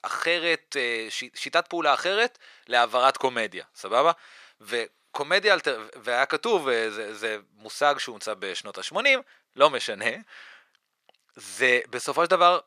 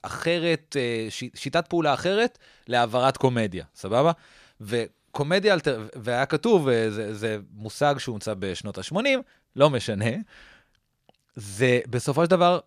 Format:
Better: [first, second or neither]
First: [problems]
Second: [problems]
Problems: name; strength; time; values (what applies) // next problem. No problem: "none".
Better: second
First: thin; very; fading below 450 Hz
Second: none